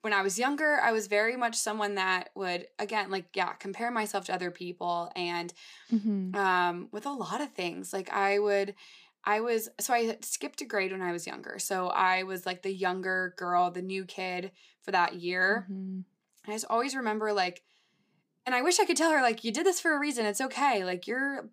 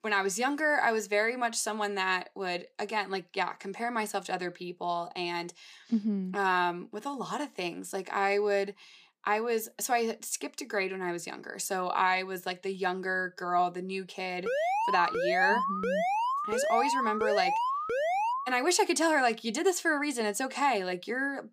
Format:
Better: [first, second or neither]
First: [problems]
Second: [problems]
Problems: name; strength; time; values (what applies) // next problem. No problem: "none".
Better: first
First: none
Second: alarm; loud; from 14 to 19 s; peak 2 dB above the speech